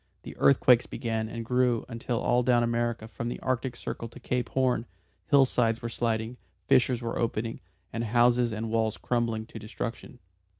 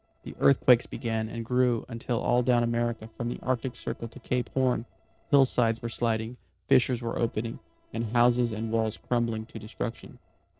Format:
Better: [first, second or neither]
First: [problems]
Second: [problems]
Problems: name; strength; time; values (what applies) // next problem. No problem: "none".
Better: first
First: none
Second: noise reduction (neural separator model SepFormer DNS4)